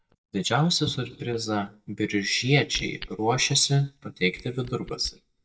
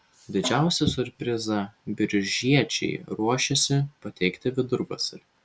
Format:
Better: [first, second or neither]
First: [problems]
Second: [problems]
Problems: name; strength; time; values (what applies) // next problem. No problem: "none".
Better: second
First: noise reduction (neural mask model DeepFilterNet 3)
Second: none